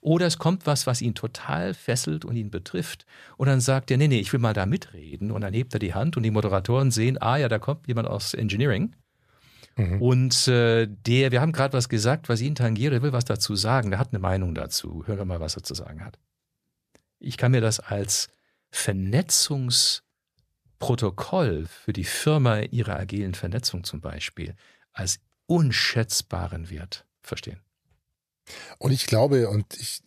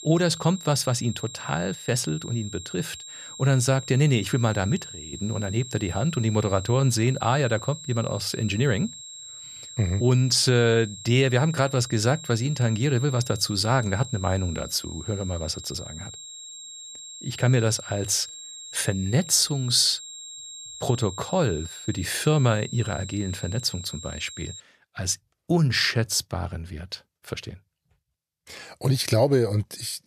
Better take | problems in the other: first | high-pitched whine; noticeable; until 25 s; 7.5 kHz, 15 dB below the speech

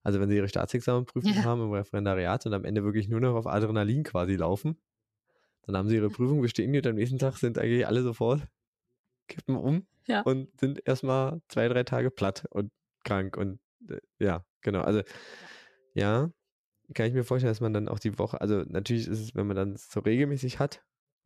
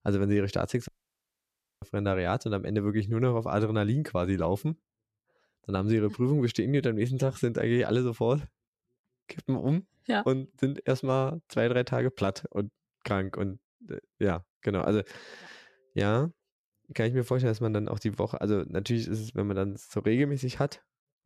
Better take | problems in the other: first | audio cutting out; at 1 s for 1 s

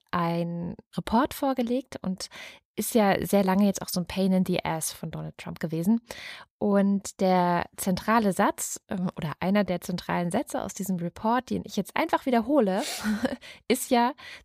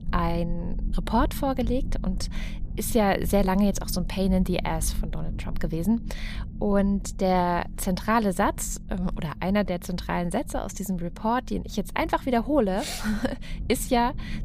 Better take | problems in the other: first | low rumble; faint; throughout; 20 dB below the speech

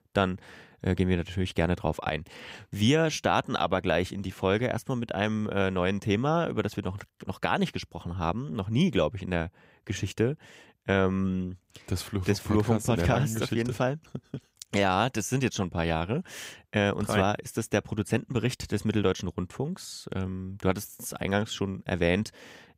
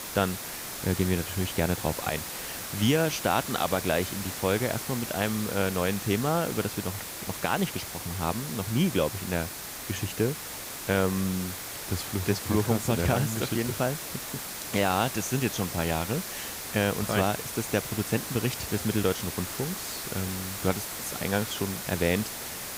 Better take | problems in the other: first | hiss; loud; throughout; 5 dB below the speech

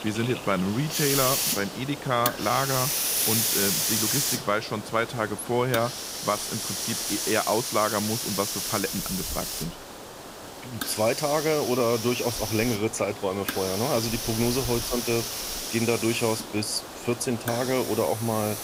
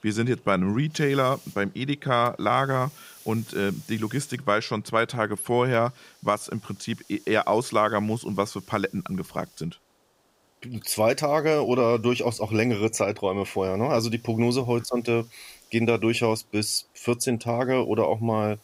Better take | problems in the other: second | hiss; loud; throughout; 1 dB below the speech; faint in the second

